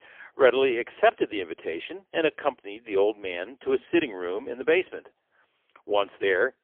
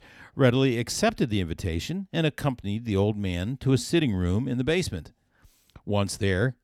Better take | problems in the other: second | phone-call audio; poor line; nothing above 3.5 kHz

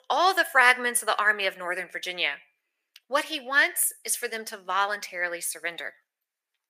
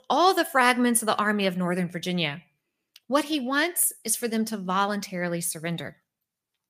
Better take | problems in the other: second | thin; very; fading below 450 Hz

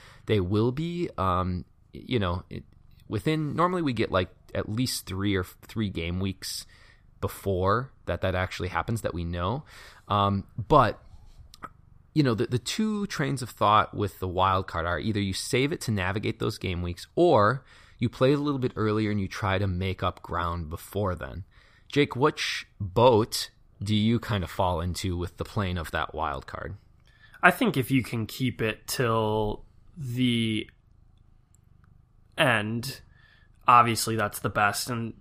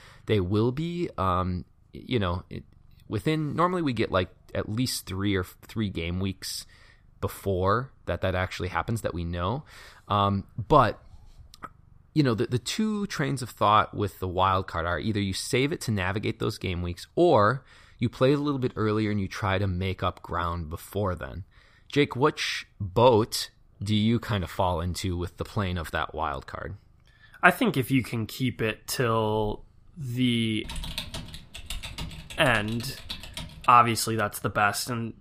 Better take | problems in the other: first | keyboard typing; noticeable; from 31 to 34 s; peak 7 dB below the speech

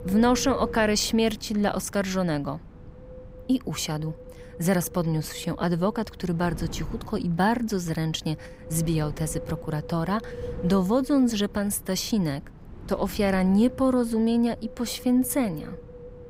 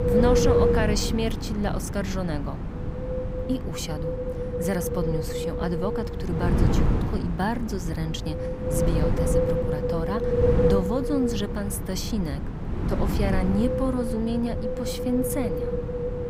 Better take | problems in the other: first | wind noise on the microphone; heavy; 3 dB above the speech; occasional gusts in the first

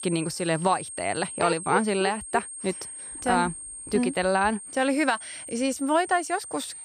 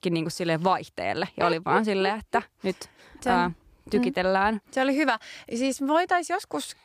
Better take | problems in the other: second | high-pitched whine; noticeable; throughout; 8.5 kHz, 10 dB below the speech

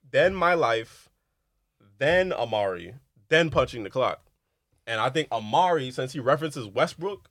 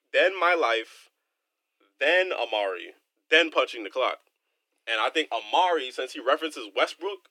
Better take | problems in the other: first | thin; very; fading below 300 Hz

